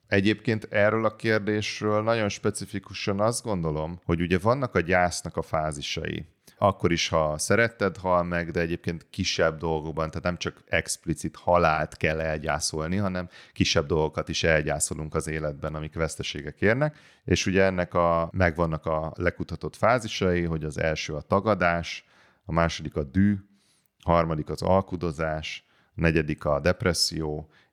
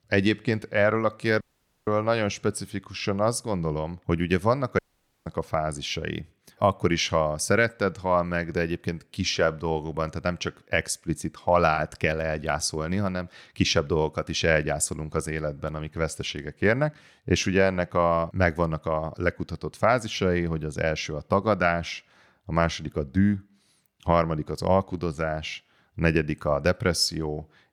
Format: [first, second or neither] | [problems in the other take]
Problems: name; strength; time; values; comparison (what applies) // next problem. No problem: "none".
first | audio cutting out; at 1.5 s and at 5 s